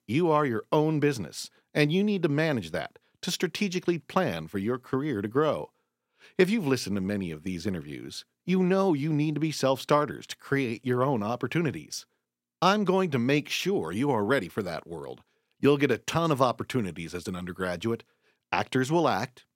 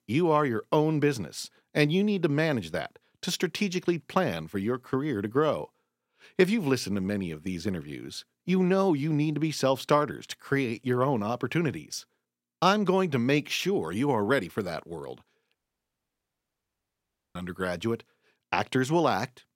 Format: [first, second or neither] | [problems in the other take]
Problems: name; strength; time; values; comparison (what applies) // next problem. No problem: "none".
first | audio cutting out; at 16 s for 2 s